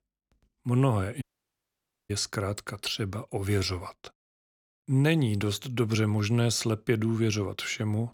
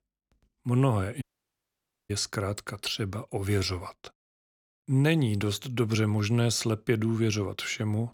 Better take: neither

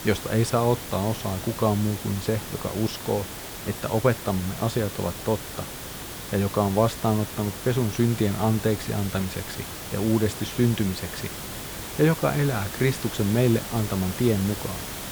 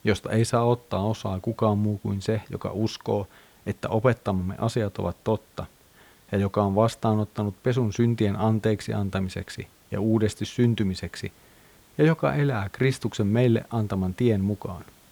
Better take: second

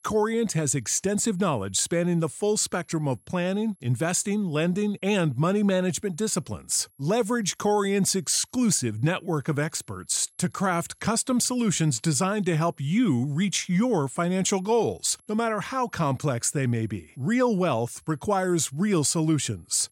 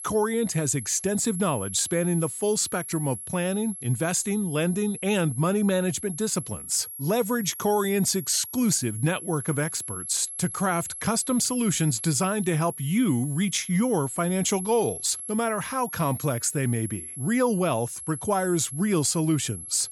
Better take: first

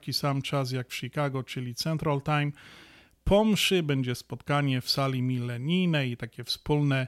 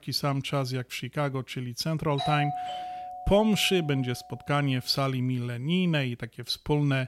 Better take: first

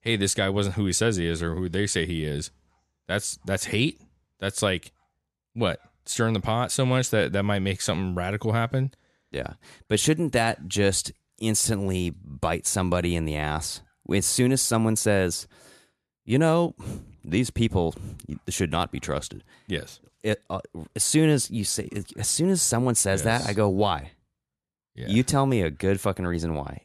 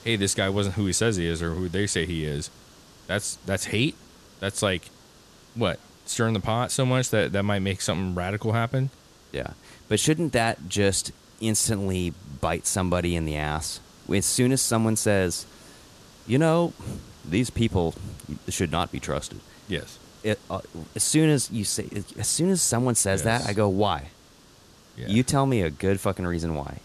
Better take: first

